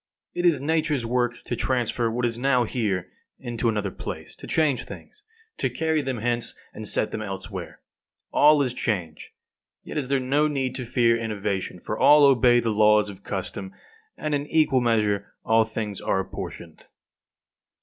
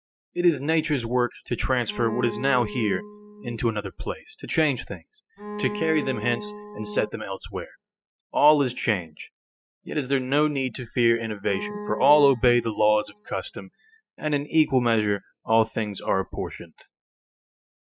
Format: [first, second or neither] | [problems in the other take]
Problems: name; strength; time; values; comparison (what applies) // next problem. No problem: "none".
first | noise reduction (classical method spectral subtraction)